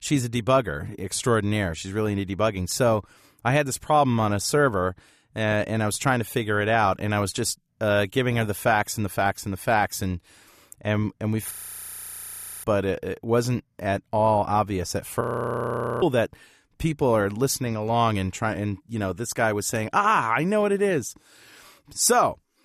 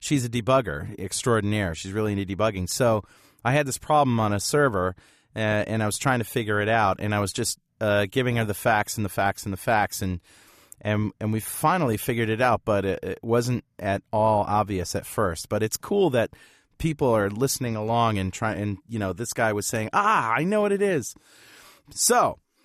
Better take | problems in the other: second | audio freezing; at 12 s for 1 s and at 15 s for 1 s

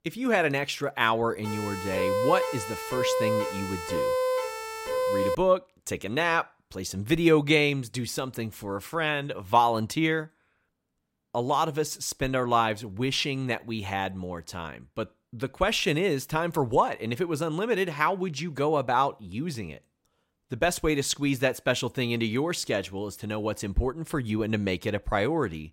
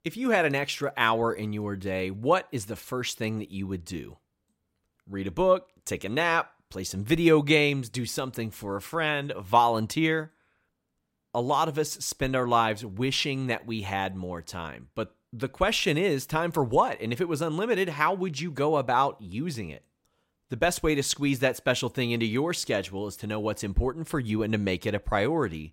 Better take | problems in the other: second | siren; loud; from 1.5 to 5.5 s; peak 1 dB above the speech

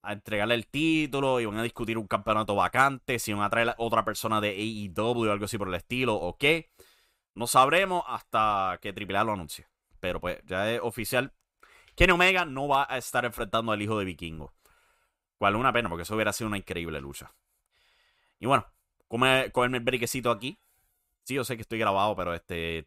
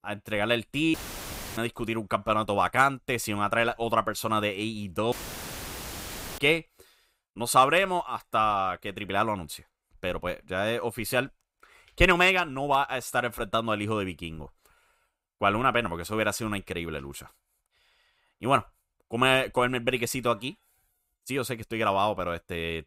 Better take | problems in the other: first | audio cutting out; filled with static; at 1 s for 0.5 s and at 5 s for 1.5 s

